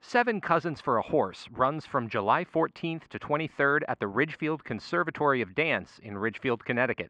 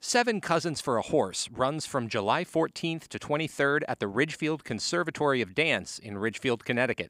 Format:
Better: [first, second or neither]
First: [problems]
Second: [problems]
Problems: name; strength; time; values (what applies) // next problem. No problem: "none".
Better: second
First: muffled; very; fading above 2 kHz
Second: none